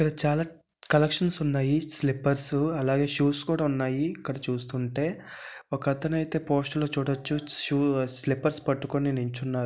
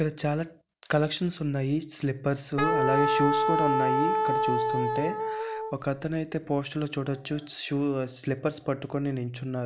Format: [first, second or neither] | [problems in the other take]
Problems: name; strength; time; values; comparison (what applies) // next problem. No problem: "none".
first | background sound (Wind instrument, woodwind instrument); 3 dB above the speech